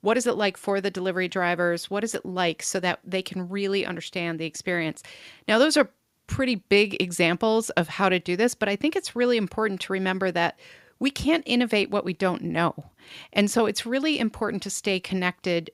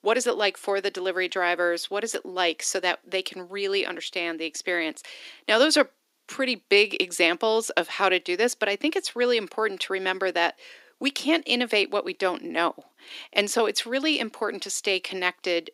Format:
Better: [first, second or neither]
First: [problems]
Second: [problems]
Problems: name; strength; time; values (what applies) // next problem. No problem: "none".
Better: first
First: none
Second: thin; somewhat; fading below 300 Hz